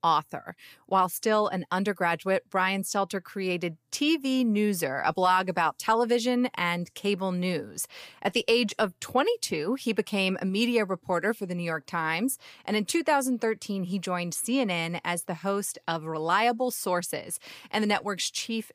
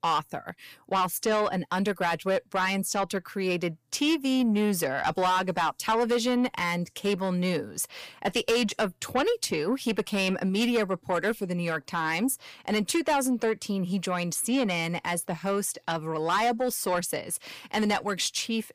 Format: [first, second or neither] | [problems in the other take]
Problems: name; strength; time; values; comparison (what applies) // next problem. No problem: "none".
first | distortion; slight; 10 dB below the speech